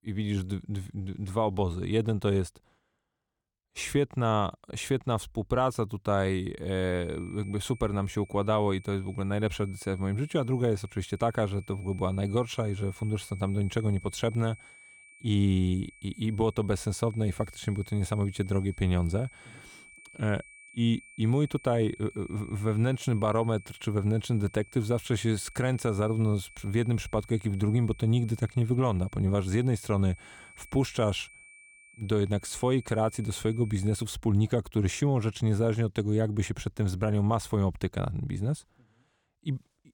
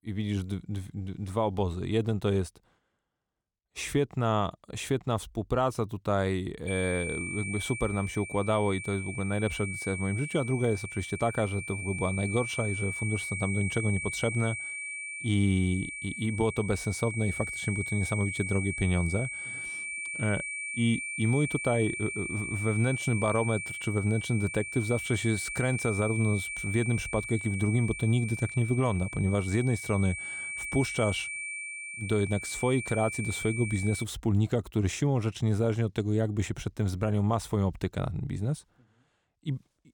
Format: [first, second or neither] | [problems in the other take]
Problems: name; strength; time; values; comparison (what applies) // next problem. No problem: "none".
first | high-pitched whine; loud; from 6.5 to 34 s; 2.5 kHz, 5 dB below the speech; faint in the first